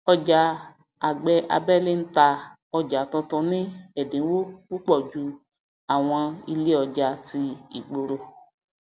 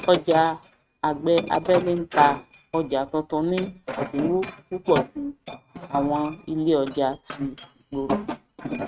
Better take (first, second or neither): first